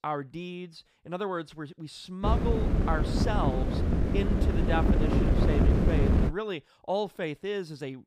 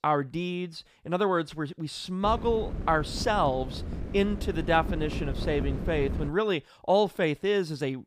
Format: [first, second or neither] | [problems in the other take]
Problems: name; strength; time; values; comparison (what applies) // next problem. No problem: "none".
second | wind noise on the microphone; heavy; from 2 to 6.5 s; as loud as the speech; occasional gusts in the second